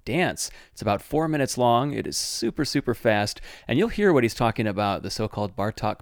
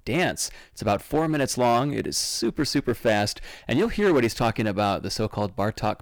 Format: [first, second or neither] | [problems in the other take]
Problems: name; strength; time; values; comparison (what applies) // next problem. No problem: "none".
first | distortion; slight; 6% of the sound clipped